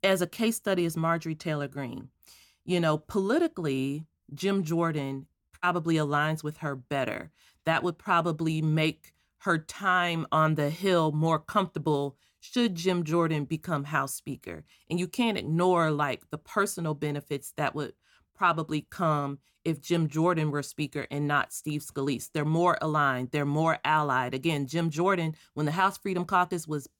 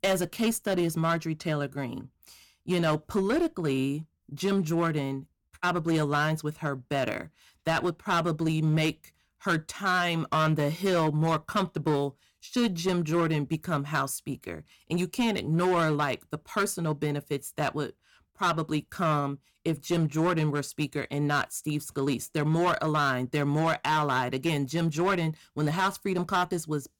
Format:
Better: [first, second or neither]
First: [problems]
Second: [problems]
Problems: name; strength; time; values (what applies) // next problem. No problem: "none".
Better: first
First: none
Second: distortion; slight; 9% of the sound clipped